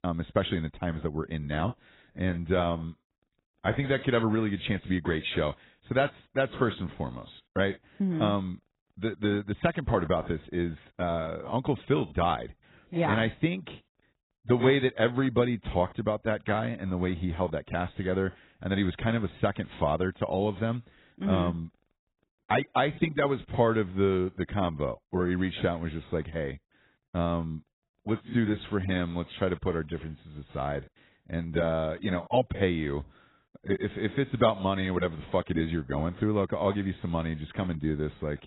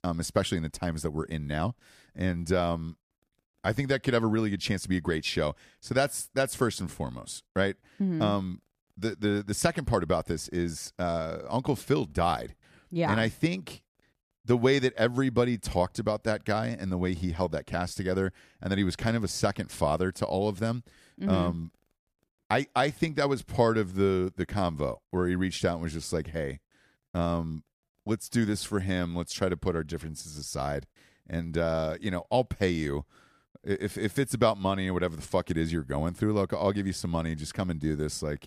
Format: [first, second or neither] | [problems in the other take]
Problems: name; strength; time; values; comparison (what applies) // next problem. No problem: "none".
second | garbled, watery; badly; nothing above 4 kHz